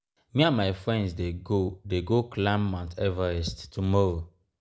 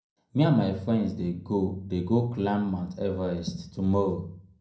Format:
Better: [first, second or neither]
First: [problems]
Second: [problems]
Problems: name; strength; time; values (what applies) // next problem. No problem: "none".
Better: first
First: none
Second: room echo; dies away in 0.5 s